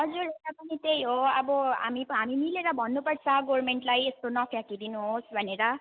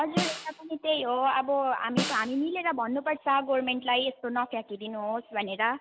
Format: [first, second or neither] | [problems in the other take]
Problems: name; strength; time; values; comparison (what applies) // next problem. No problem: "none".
first | background sound (Snare drum); 7 dB below the speech